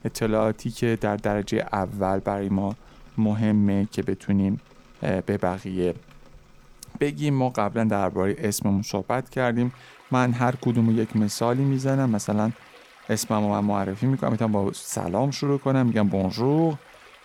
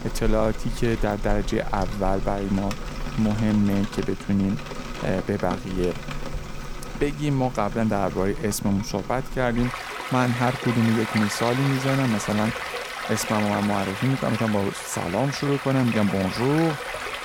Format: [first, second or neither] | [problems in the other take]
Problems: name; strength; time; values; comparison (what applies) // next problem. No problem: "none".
first | rain or running water; loud; throughout; 8 dB below the speech; faint in the first